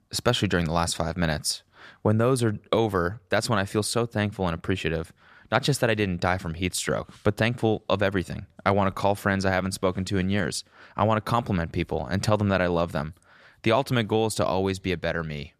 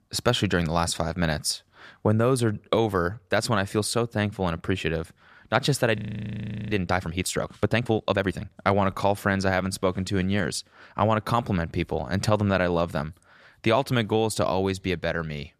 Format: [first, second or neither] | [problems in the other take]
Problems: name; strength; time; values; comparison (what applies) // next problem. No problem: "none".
first | audio freezing; at 6 s for 0.5 s